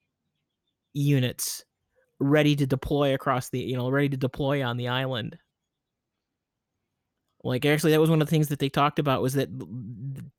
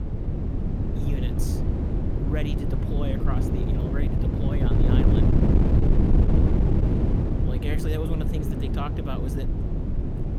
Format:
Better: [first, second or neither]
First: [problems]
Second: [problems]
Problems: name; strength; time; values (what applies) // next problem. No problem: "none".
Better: first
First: none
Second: wind noise on the microphone; heavy; 4 dB above the speech